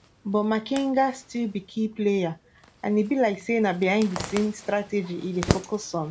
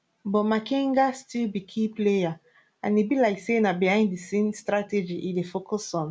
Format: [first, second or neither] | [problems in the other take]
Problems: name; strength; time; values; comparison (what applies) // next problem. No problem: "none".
second | background sound (Zipper (clothing)); 11 dB below the speech